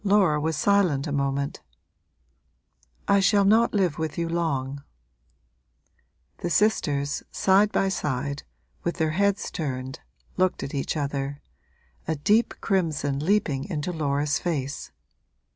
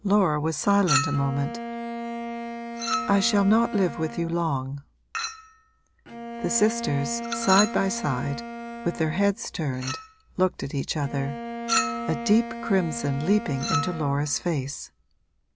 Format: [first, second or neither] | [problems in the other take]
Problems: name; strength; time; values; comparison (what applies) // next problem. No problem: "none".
first | background sound (Bowed string instrument + Chink, clink); 7 dB below the speech